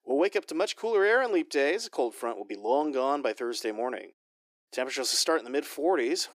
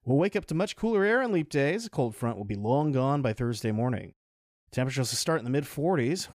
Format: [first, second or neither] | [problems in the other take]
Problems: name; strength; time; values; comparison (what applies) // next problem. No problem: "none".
second | thin; somewhat; fading below 300 Hz